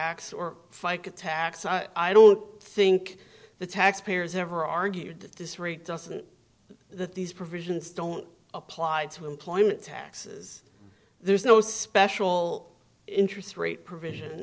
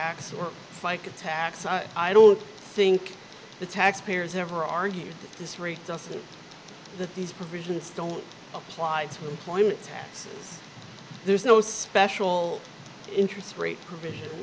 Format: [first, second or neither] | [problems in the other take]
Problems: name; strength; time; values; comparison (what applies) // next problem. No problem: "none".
first | background sound (Tick); 18 dB below the speech